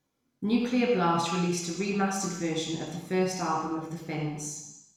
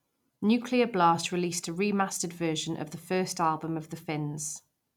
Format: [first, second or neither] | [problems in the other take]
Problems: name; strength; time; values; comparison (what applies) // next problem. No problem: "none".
second | room echo; dies away in 0.9 s